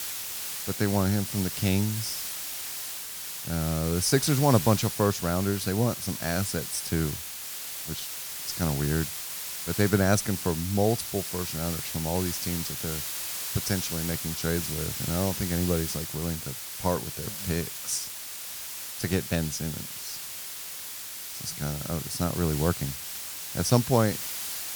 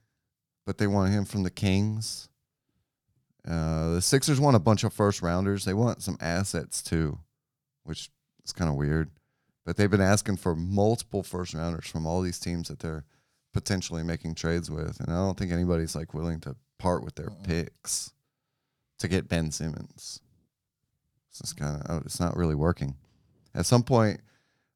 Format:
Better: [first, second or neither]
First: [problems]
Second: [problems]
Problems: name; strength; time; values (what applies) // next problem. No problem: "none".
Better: second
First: hiss; loud; throughout; 4 dB below the speech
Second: none